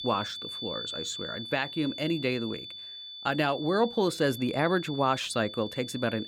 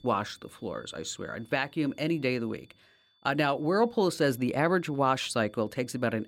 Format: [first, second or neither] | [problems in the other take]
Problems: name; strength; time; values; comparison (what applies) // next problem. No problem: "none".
second | high-pitched whine; loud; throughout; 3.5 kHz, 9 dB below the speech; faint in the second